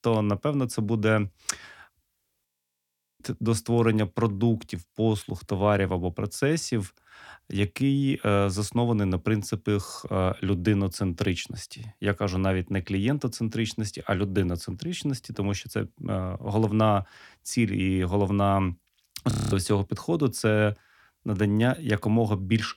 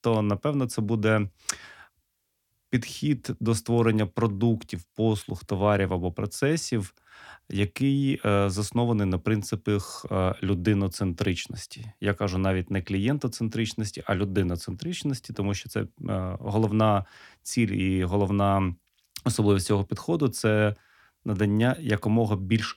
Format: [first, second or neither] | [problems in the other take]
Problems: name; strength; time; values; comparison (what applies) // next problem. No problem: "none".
second | audio freezing; at 2.5 s for 1 s and at 19 s